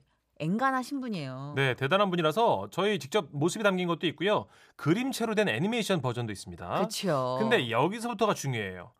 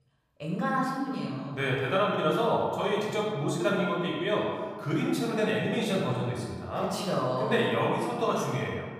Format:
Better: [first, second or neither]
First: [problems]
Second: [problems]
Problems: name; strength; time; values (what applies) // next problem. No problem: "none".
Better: first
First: none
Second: room echo; noticeable; dies away in 1.5 s // off-mic speech; far